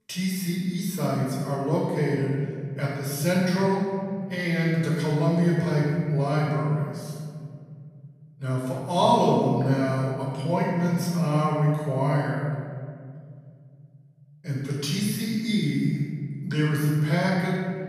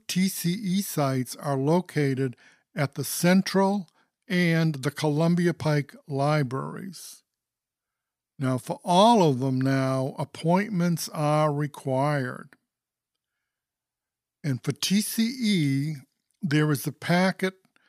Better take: second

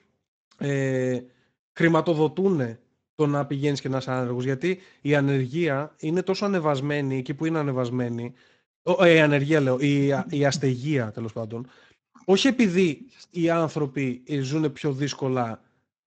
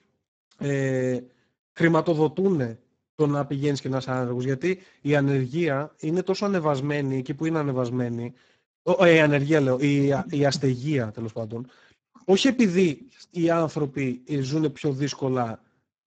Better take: first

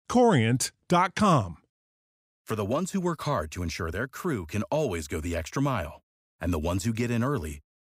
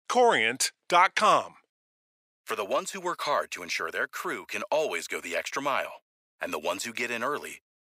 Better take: first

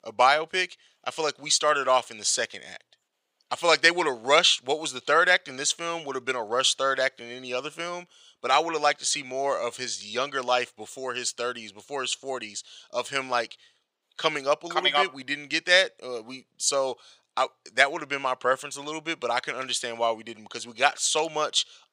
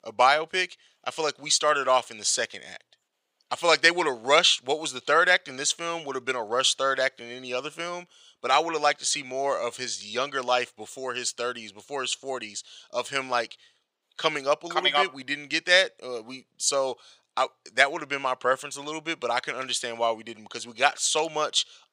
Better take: neither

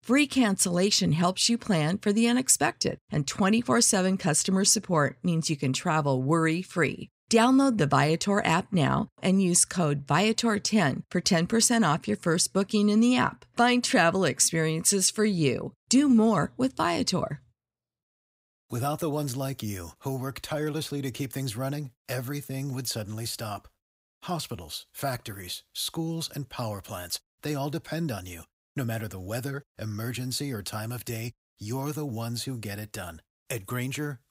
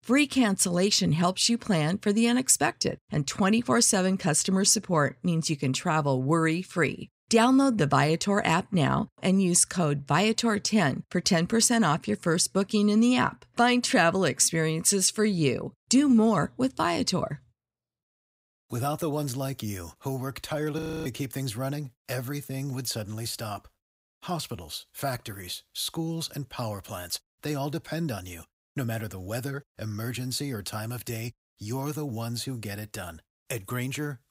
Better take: first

